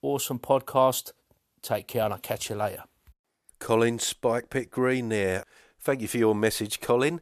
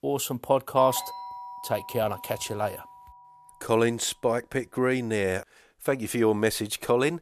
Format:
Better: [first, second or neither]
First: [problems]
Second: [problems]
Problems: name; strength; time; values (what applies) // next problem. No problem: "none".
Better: first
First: none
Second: doorbell; noticeable; from 1 to 3 s; peak 7 dB below the speech